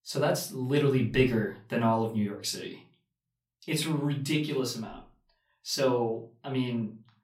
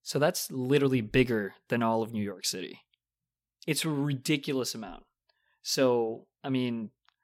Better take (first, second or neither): second